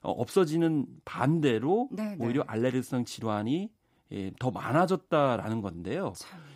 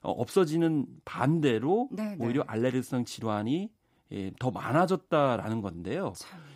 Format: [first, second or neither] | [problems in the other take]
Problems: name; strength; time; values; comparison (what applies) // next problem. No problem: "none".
neither | none